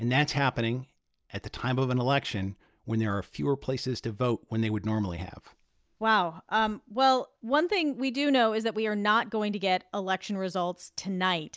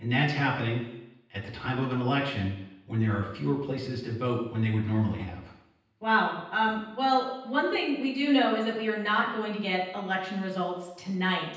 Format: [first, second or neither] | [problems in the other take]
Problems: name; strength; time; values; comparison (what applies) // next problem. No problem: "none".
first | room echo; dies away in 0.9 s